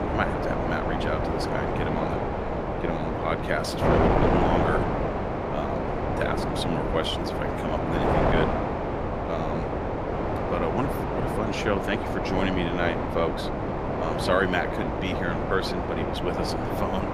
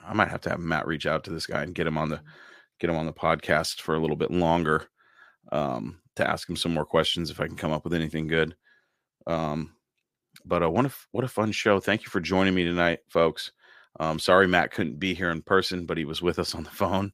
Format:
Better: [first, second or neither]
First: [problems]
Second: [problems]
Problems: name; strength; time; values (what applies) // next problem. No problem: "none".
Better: second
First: wind noise on the microphone; heavy; 2 dB above the speech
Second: none